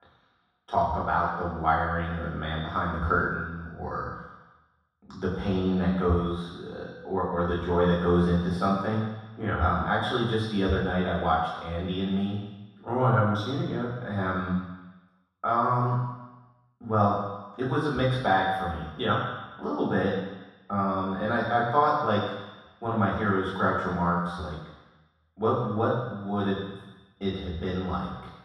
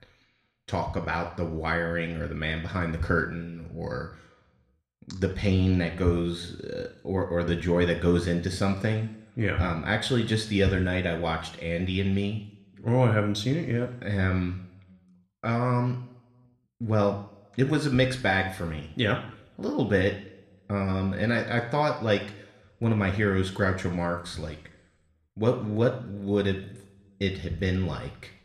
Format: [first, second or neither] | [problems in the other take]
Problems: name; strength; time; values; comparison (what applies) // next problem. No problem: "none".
second | room echo; strong; dies away in 1.2 s; slight in the second // off-mic speech; far